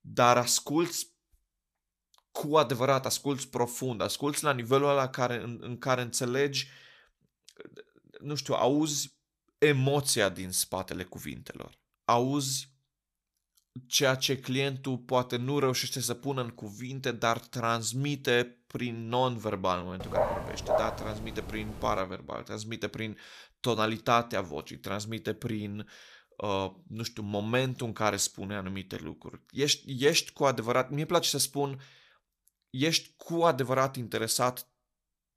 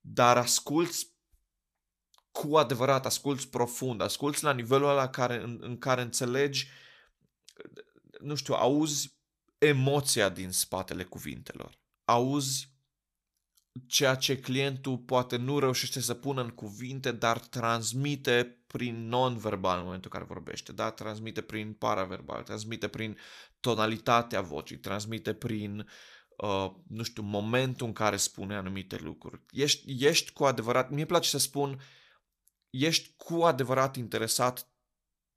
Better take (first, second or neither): second